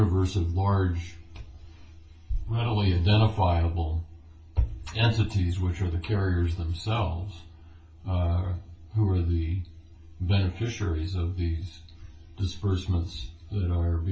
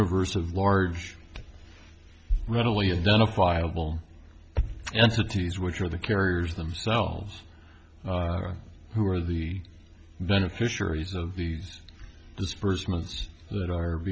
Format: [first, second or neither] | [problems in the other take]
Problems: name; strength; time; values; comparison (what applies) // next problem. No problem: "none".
second | room echo; dies away in 0.3 s